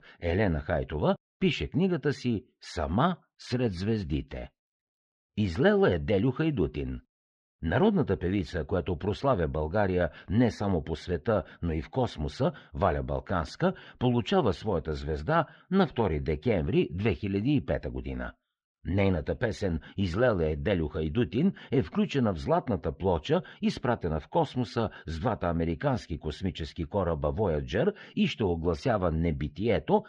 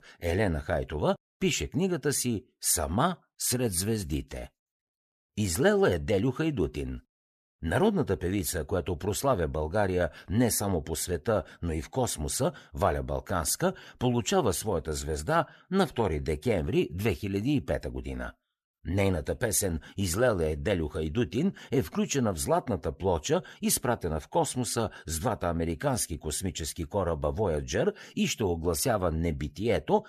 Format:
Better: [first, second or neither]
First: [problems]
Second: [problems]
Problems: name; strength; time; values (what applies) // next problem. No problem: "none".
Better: second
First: muffled; slightly; fading above 4 kHz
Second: none